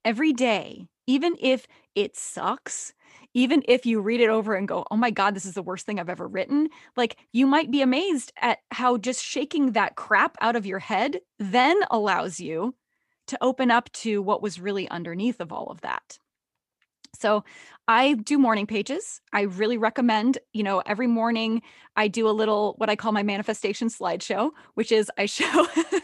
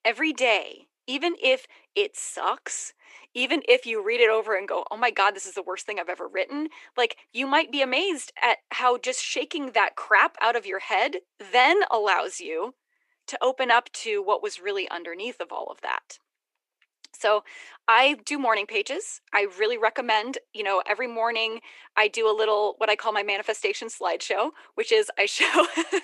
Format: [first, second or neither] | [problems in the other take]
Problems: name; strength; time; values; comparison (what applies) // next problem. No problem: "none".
first | thin; very; fading below 350 Hz